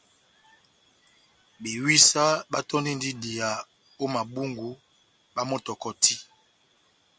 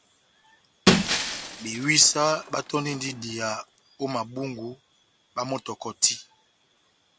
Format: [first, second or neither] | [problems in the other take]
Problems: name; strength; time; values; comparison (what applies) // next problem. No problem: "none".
first | background sound (Shatter); 1 dB below the speech